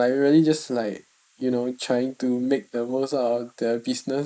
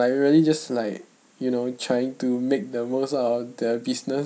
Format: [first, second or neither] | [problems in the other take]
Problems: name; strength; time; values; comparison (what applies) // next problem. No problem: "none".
second | noise reduction (neural mask model Resemble Enhance denoiser)